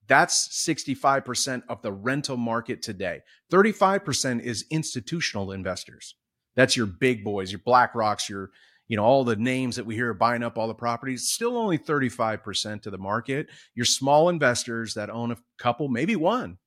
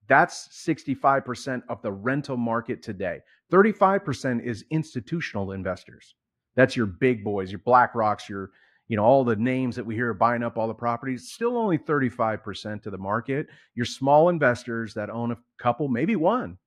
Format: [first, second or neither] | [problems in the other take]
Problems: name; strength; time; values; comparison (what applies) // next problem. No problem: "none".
first | muffled; very; fading above 3 kHz